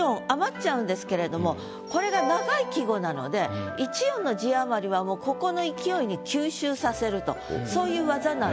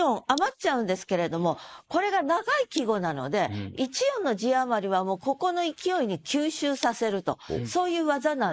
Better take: first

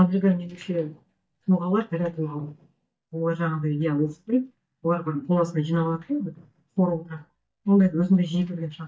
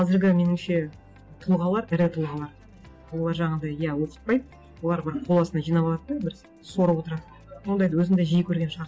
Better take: second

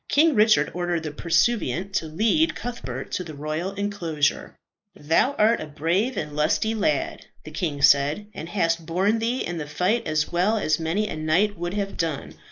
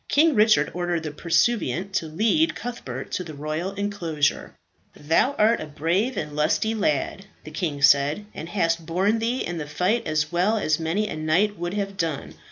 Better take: second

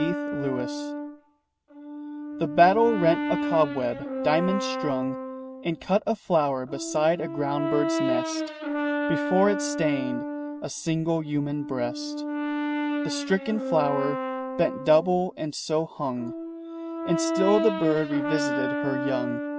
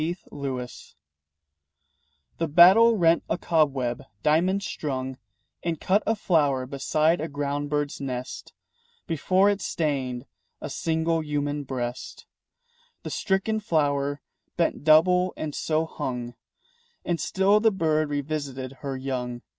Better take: second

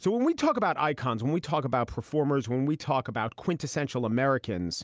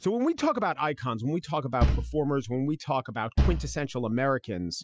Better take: first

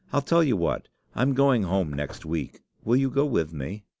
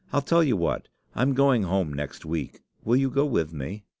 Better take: second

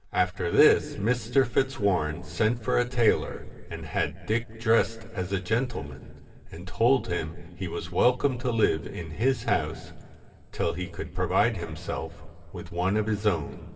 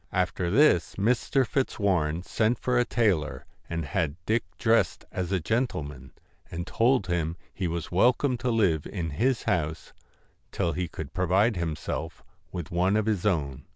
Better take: second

